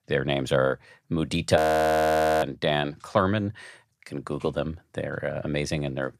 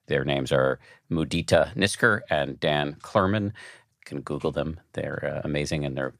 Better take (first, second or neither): second